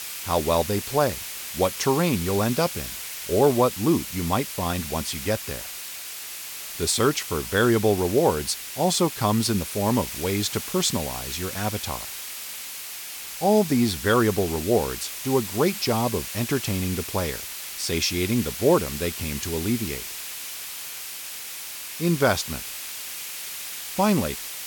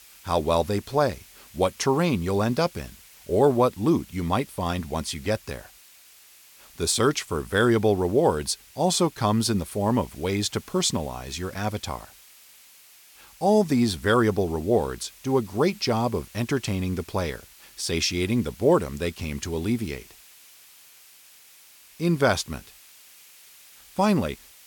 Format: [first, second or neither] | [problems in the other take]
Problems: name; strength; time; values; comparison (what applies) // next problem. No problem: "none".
second | hiss; loud; throughout; 8 dB below the speech; faint in the second